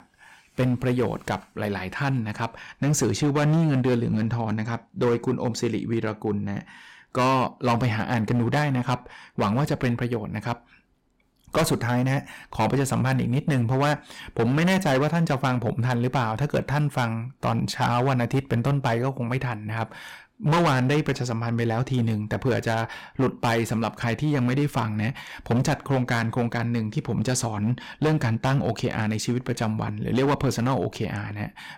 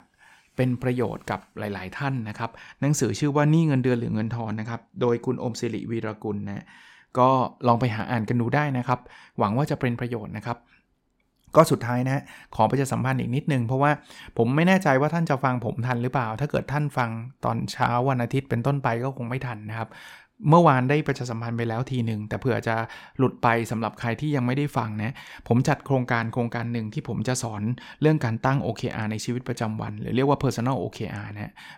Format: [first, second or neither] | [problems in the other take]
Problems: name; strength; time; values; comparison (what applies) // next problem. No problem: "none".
second | distortion; heavy; 10% of the sound clipped